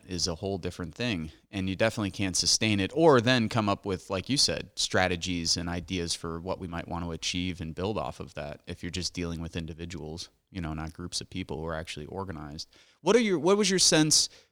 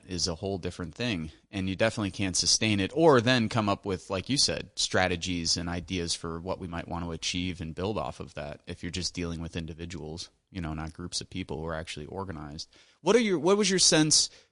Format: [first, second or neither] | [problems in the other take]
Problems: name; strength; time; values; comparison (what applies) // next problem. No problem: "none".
first | garbled, watery; slightly; nothing above 10.5 kHz